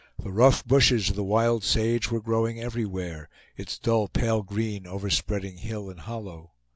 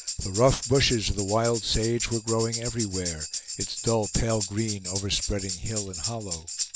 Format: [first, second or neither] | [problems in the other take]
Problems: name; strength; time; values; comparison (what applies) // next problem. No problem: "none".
first | background sound (Tambourine); 6 dB below the speech